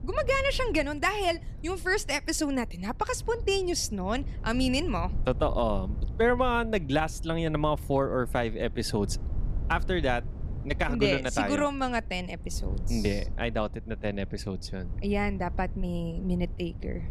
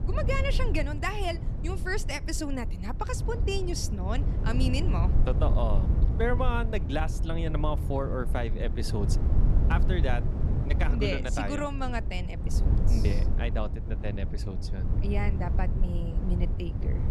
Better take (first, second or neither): first